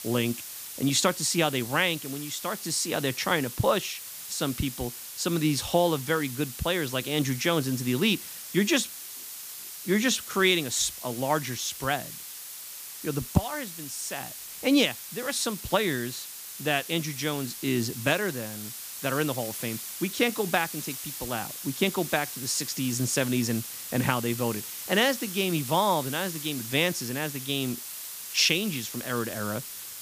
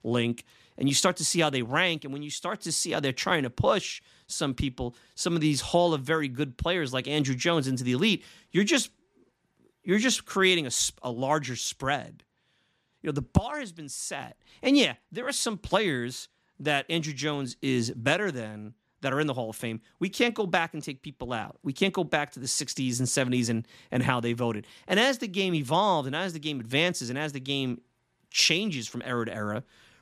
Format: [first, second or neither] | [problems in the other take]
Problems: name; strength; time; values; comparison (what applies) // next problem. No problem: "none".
second | hiss; loud; throughout; 9 dB below the speech